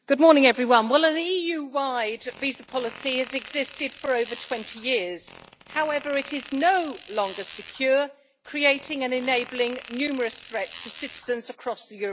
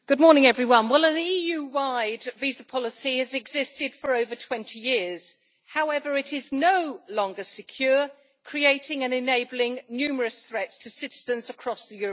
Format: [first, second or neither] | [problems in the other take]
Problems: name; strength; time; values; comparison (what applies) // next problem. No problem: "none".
second | background sound (Fart); 19 dB below the speech